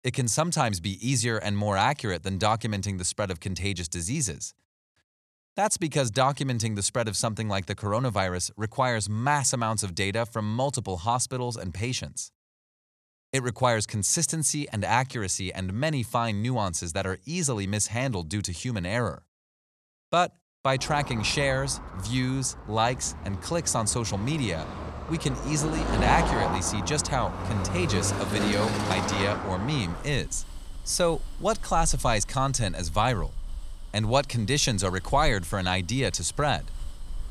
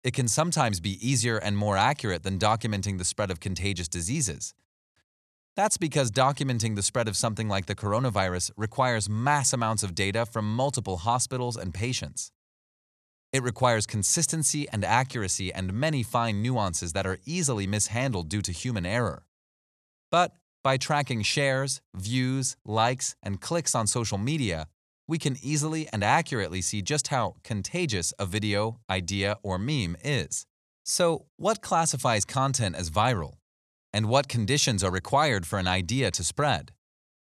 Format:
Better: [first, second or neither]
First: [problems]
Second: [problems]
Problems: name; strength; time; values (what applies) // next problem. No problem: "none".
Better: second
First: traffic noise; loud; from 21 s on; 6 dB below the speech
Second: none